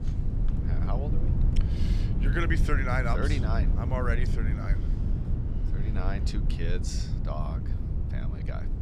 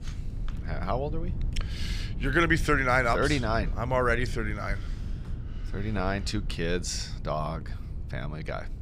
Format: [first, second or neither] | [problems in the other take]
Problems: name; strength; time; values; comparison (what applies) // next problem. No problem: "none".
second | low rumble; loud; throughout; 7 dB below the speech; faint in the second